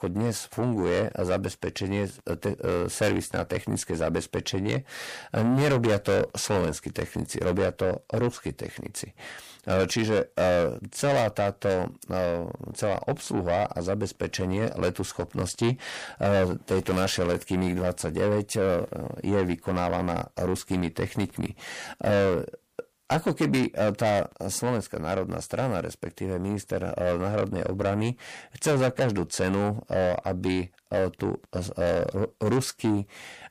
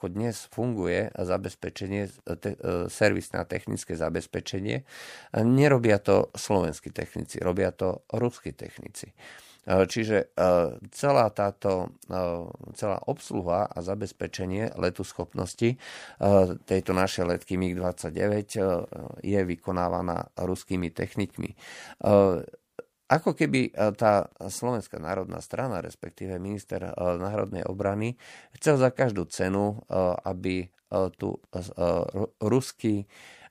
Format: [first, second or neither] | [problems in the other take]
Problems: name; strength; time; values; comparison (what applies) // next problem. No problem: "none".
second | distortion; heavy; 6 dB below the speech